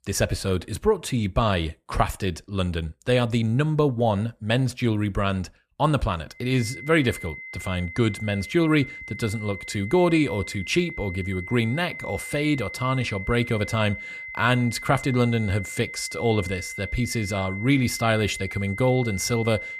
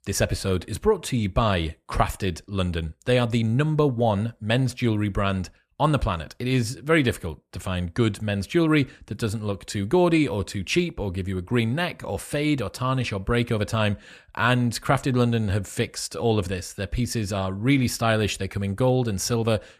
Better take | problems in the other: second | high-pitched whine; noticeable; from 6.5 s on; 2 kHz, 10 dB below the speech

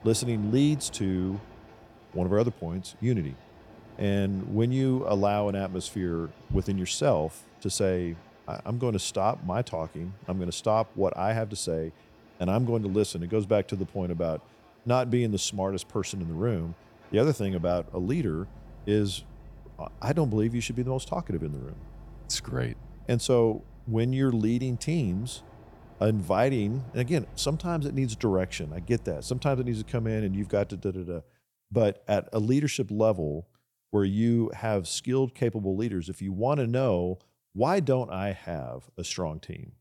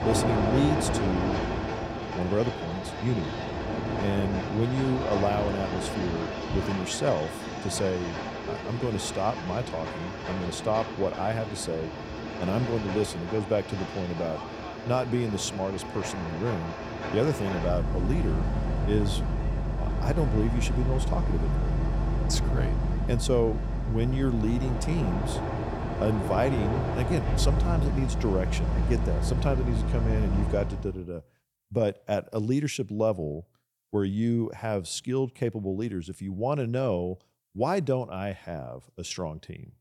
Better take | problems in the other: first | train or aircraft noise; loud; until 31 s; 1 dB below the speech; faint in the first

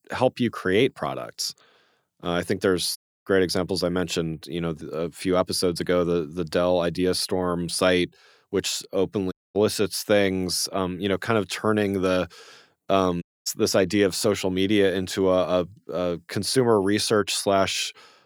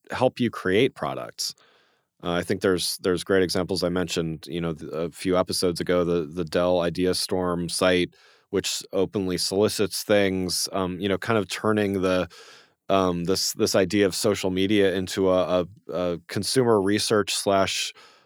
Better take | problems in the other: second | audio cutting out; at 3 s, at 9.5 s and at 13 s

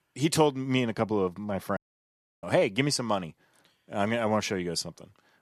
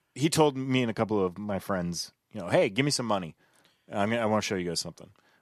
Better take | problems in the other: second | audio cutting out; at 2 s for 0.5 s

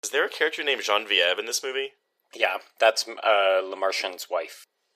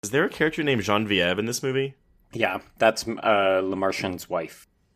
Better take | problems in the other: second | thin; very; fading below 500 Hz

